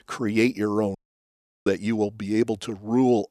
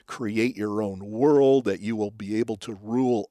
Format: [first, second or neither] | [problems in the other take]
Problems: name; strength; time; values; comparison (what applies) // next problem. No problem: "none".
second | audio cutting out; at 1 s for 0.5 s